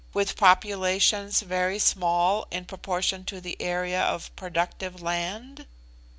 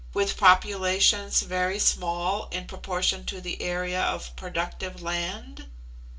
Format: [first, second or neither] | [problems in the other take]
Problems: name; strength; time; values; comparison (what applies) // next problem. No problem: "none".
first | room echo; dies away in 0.2 s